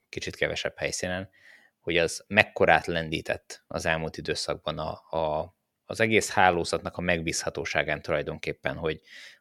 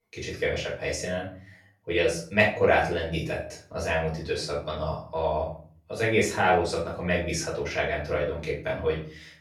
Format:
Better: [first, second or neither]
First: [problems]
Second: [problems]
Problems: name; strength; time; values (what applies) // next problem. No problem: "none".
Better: first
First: none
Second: off-mic speech; far // room echo; slight; dies away in 0.4 s